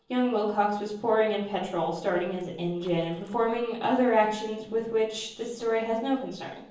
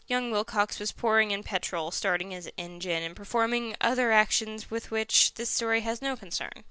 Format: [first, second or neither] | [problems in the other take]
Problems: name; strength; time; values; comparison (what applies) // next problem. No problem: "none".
second | noise reduction (neural separator model SepFormer DNS4)